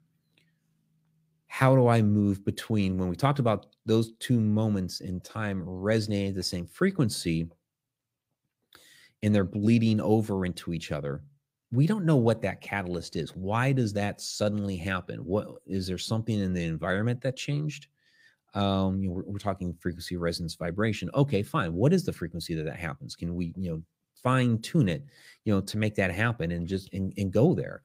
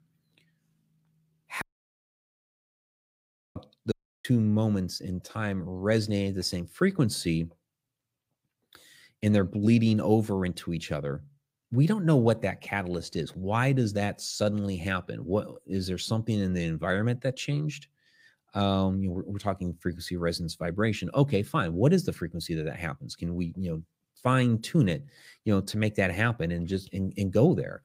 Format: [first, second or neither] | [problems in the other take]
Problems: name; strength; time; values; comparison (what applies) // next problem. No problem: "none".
first | audio cutting out; at 1.5 s for 2 s and at 4 s